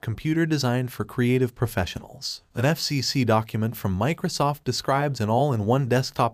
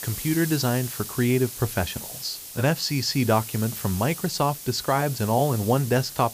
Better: first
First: none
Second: hiss; loud; throughout; 9 dB below the speech

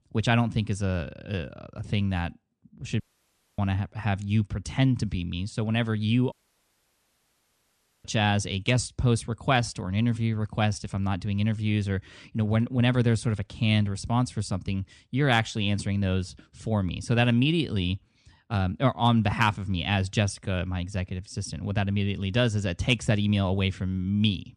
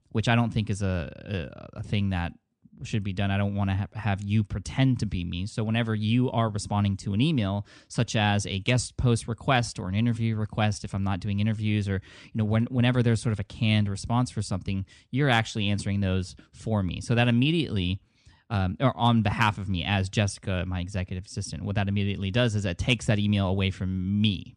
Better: second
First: audio cutting out; at 3 s for 0.5 s and at 6.5 s for 1.5 s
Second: none

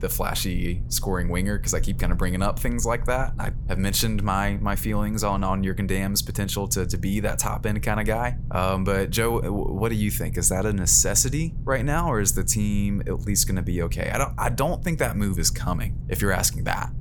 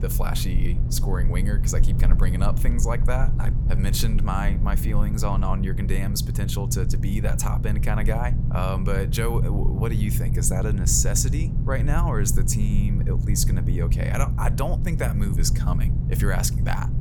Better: first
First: low rumble; faint; throughout; 20 dB below the speech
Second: low rumble; loud; throughout; 8 dB below the speech

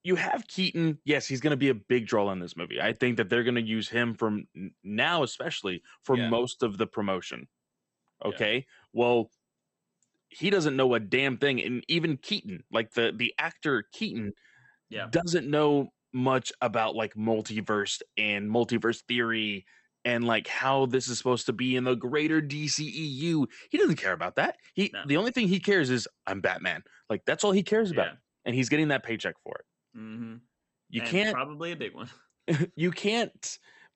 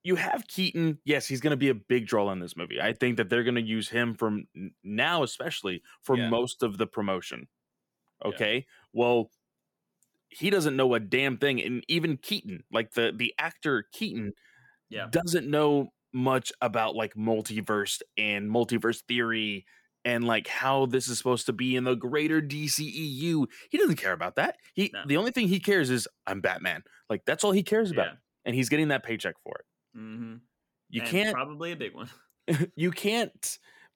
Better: second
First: garbled, watery; slightly; nothing above 8 kHz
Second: none

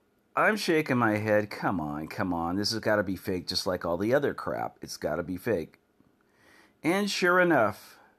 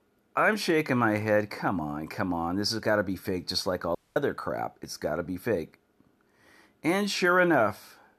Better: first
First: none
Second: audio cutting out; at 4 s

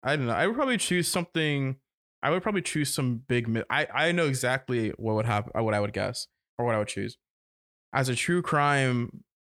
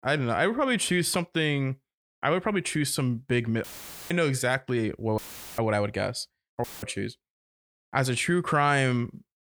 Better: first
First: none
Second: audio cutting out; filled with static; at 3.5 s, at 5 s and at 6.5 s

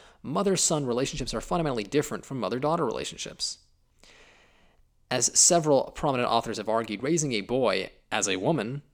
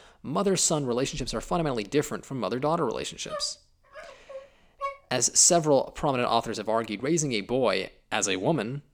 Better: first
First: none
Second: dog barking; faint; from 3.5 to 5 s; peak 10 dB below the speech

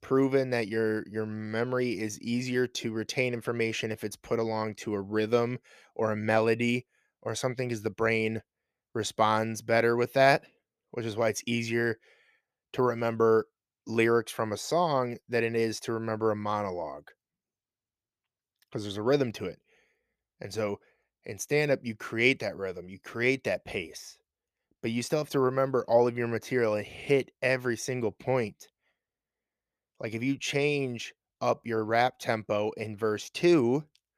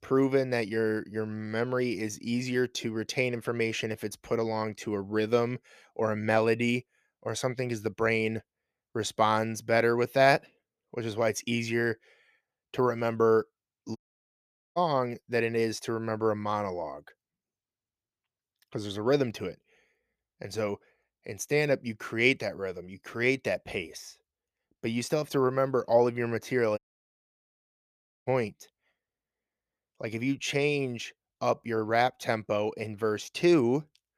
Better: first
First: none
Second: audio cutting out; at 14 s for 1 s and at 27 s for 1.5 s

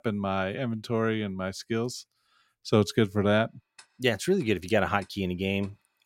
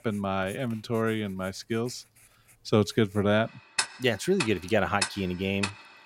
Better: first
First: household noises; faint; throughout; 30 dB below the speech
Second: household noises; loud; throughout; 4 dB below the speech

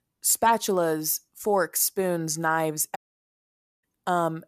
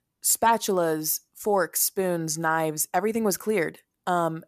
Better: second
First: audio cutting out; at 3 s for 1 s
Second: none

